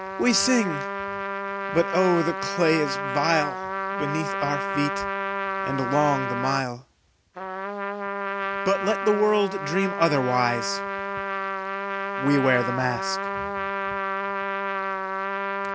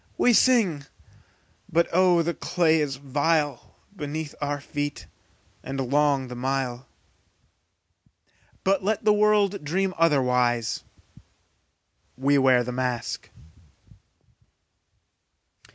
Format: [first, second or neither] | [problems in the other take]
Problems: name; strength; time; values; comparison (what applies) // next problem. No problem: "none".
second | background sound (Trumpet); 2 dB below the speech